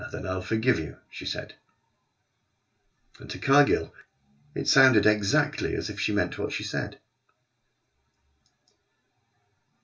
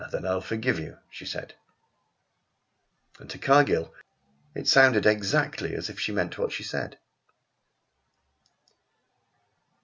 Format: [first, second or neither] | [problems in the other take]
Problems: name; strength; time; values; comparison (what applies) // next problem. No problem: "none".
second | room echo; dies away in 0.2 s